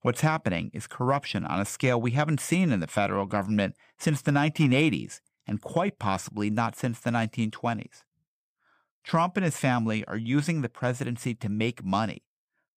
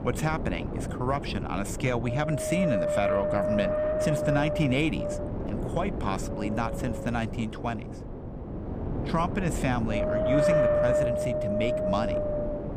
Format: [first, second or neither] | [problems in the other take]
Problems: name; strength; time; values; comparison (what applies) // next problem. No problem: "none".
first | wind noise on the microphone; heavy; 3 dB above the speech